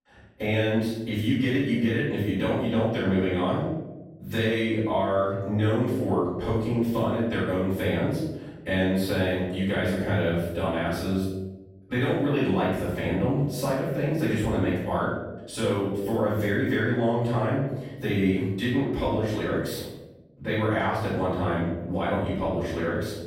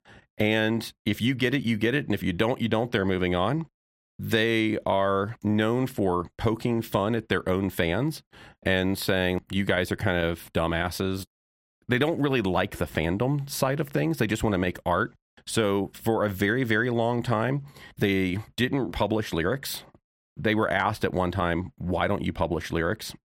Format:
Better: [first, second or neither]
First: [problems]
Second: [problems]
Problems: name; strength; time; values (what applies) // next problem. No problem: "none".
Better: second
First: off-mic speech; far // room echo; strong; dies away in 1 s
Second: none